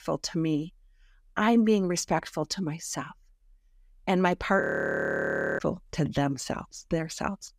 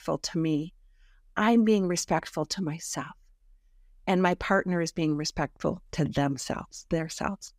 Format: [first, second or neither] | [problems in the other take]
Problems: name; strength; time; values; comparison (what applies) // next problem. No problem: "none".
second | audio freezing; at 4.5 s for 1 s